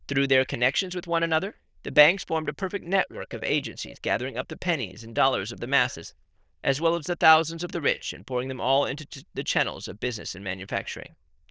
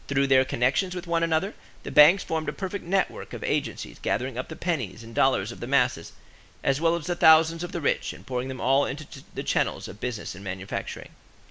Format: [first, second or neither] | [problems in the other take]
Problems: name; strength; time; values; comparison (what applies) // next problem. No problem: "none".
second | noise reduction (neural diffusion model UNIVERSE++)